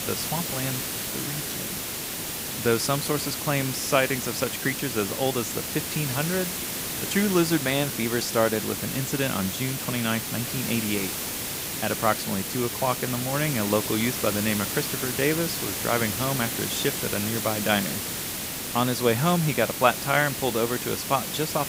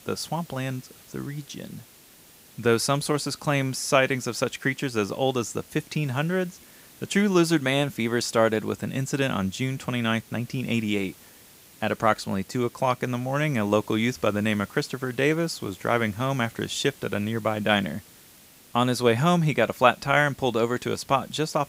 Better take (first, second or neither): second